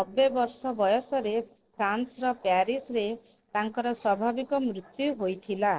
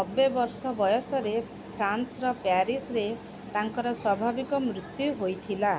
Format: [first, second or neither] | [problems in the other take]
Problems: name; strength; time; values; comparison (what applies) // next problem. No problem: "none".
second | noise reduction (neural separator model SepFormer DNS4)